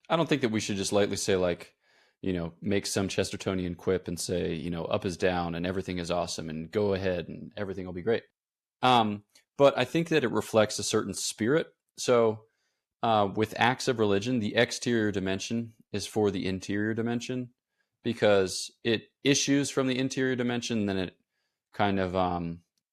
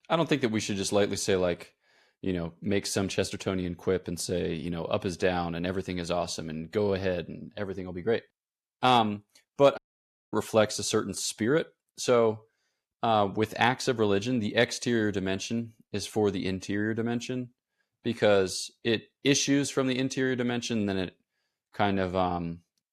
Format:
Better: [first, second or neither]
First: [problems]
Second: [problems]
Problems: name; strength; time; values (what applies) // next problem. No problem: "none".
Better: first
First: none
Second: audio cutting out; at 10 s for 0.5 s